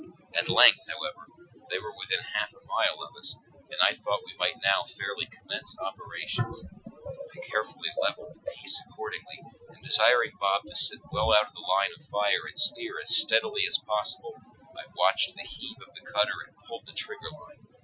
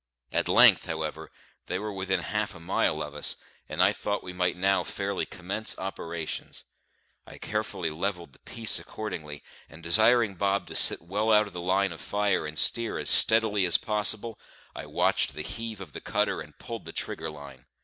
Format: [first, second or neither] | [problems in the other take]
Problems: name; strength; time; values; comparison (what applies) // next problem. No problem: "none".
second | noise reduction (classical method Wiener filter)